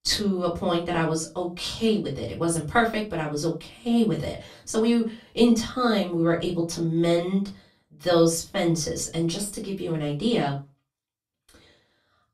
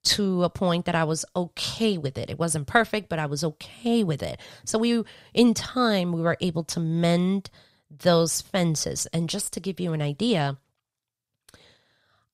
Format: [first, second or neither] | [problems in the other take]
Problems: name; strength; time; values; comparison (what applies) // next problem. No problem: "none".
second | off-mic speech; far // room echo; very slight; dies away in 0.2 s